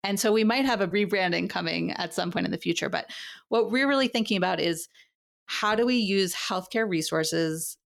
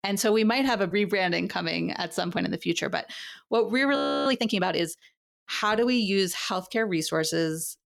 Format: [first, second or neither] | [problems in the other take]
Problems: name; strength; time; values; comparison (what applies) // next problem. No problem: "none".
first | audio freezing; at 4 s